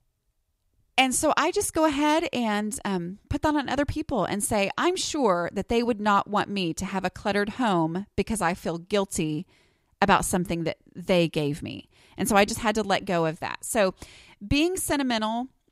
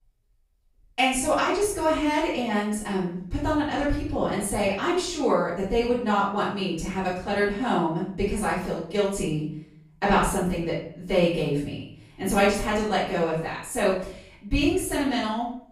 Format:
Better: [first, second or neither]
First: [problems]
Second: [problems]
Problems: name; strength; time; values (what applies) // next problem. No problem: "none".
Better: first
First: none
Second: off-mic speech; far // room echo; noticeable; dies away in 0.5 s